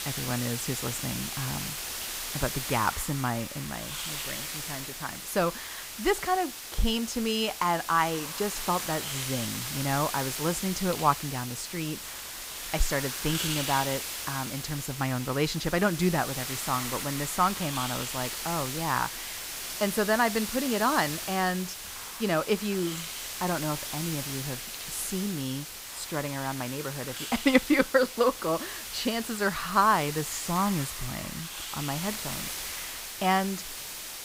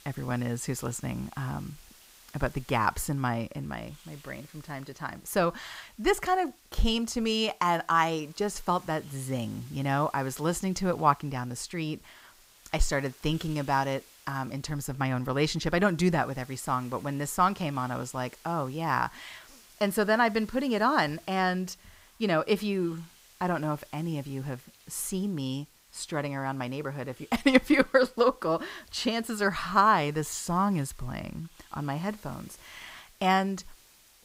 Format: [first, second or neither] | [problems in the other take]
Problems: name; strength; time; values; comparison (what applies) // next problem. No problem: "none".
second | hiss; loud; throughout; 5 dB below the speech; faint in the second